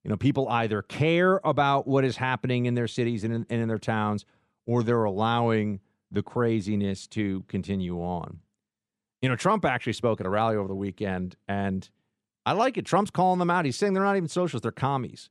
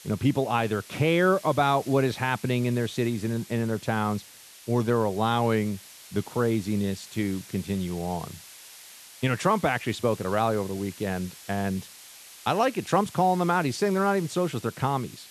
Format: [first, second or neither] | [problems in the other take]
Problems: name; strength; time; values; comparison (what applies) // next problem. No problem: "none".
first | hiss; noticeable; throughout; 20 dB below the speech